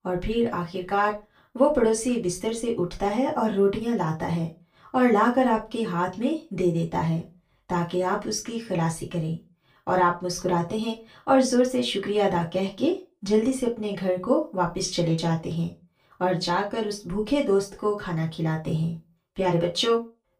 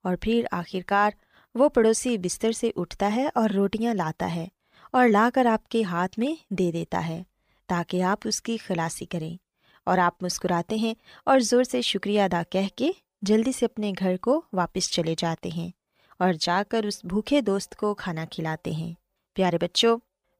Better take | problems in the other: second | off-mic speech; far // room echo; very slight; dies away in 0.2 s

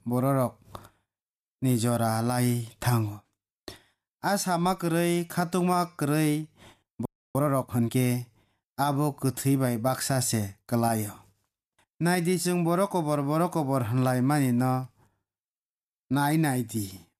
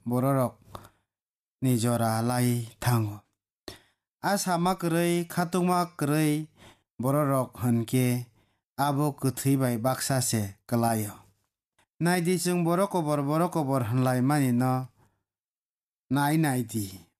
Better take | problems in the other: second | audio freezing; at 7 s

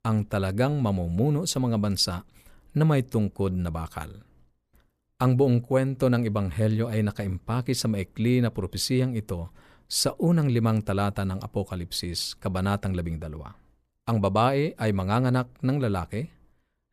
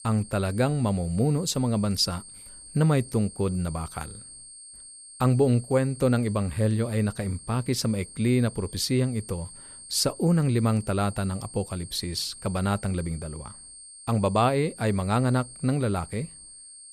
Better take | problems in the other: first | high-pitched whine; noticeable; throughout; 8.5 kHz, 15 dB below the speech

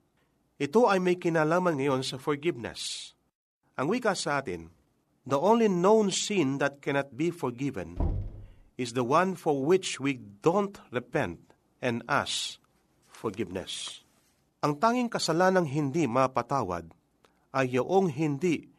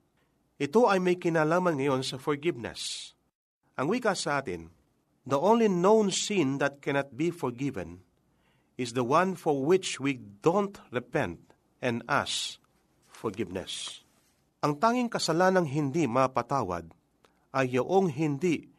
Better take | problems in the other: second | door banging; noticeable; at 8 s; peak 5 dB below the speech

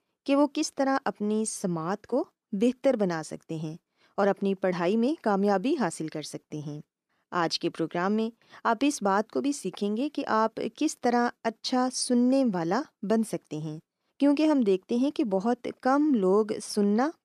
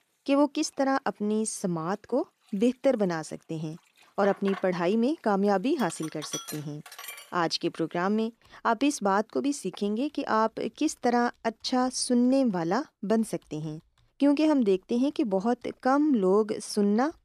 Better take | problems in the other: first | household noises; noticeable; throughout; 15 dB below the speech

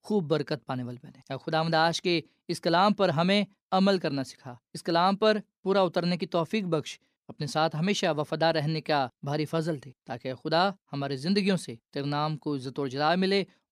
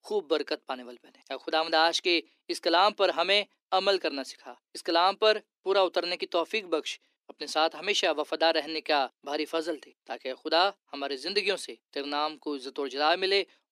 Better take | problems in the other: first | thin; very; fading below 300 Hz

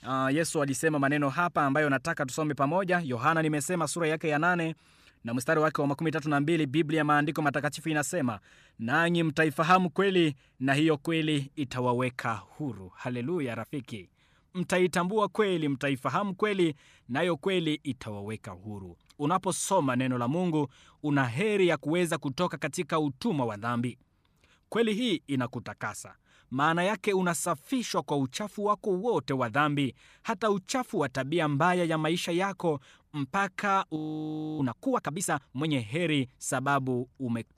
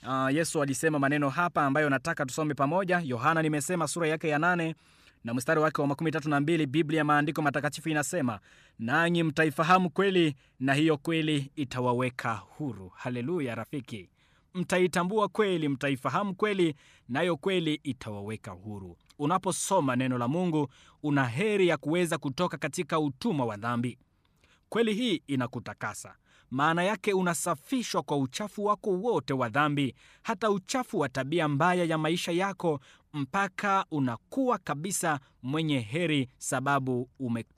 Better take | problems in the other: second | audio freezing; at 34 s for 0.5 s

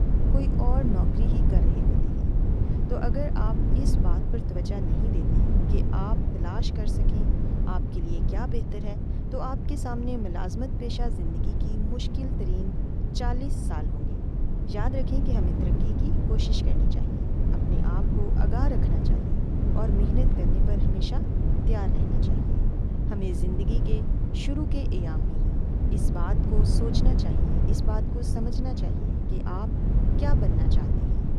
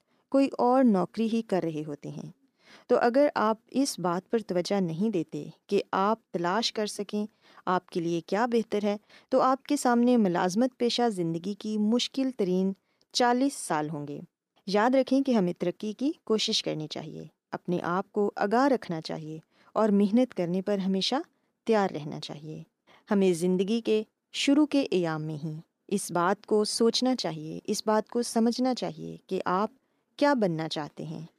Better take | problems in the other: second | low rumble; loud; throughout; as loud as the speech

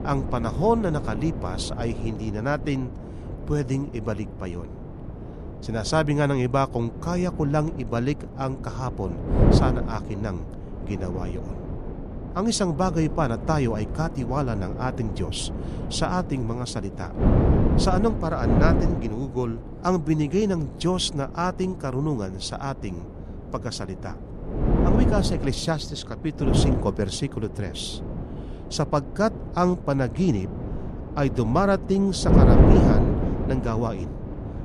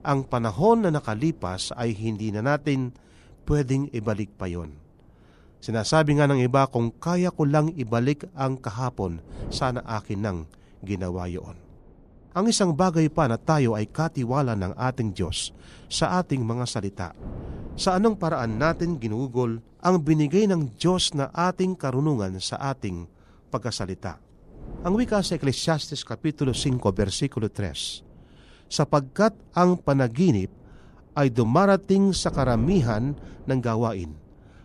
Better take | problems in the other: second | wind noise on the microphone; heavy; 5 dB below the speech; occasional gusts in the second

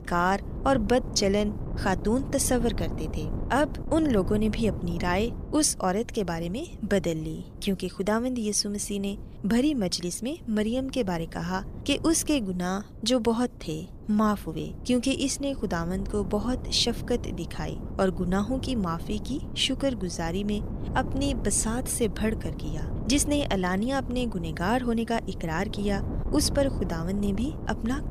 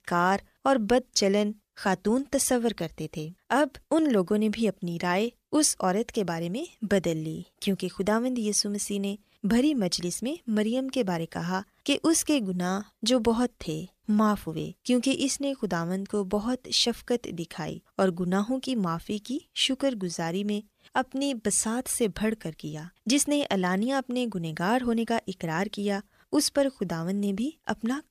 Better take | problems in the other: second | wind noise on the microphone; occasional gusts; 15 dB below the speech

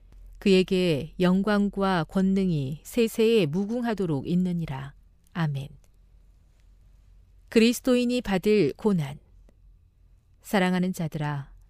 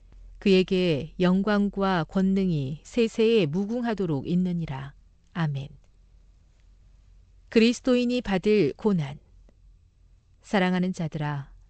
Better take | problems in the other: first | garbled, watery; slightly; nothing above 8 kHz

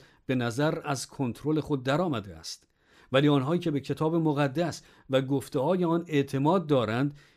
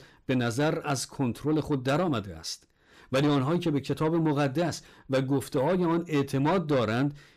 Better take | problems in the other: first | distortion; slight; 10 dB below the speech

